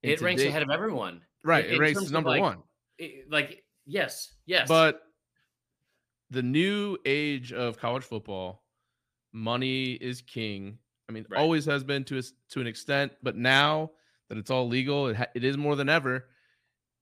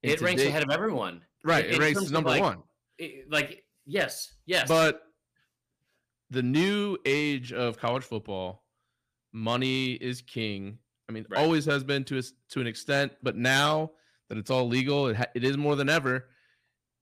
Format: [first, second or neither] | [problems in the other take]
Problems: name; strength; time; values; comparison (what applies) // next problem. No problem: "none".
first | distortion; slight; 3% of the sound clipped